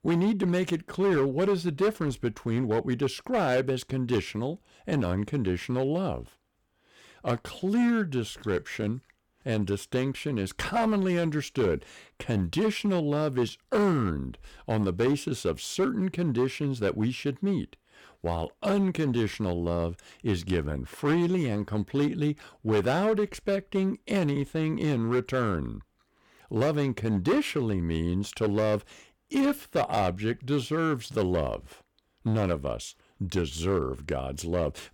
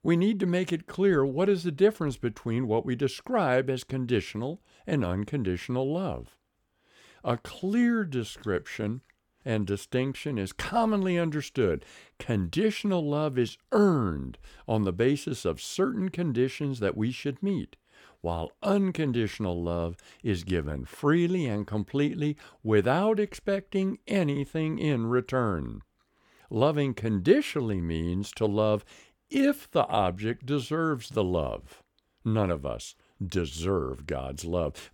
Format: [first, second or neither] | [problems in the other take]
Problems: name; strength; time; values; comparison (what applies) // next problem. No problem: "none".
second | distortion; slight; 7% of the sound clipped